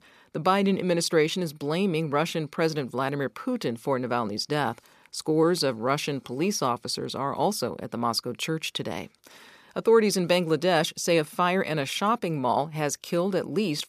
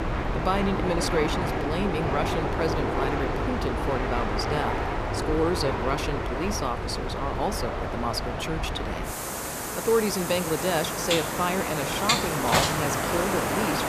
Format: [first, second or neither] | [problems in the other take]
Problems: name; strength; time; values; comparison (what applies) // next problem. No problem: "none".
first | train or aircraft noise; very loud; throughout; 1 dB above the speech